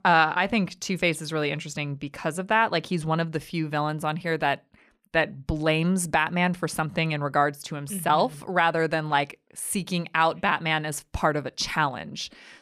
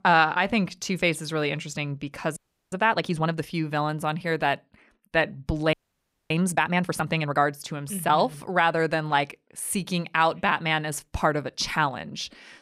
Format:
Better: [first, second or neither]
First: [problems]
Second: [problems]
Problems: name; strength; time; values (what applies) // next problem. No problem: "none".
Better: first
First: none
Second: audio freezing; at 2.5 s and at 5.5 s for 0.5 s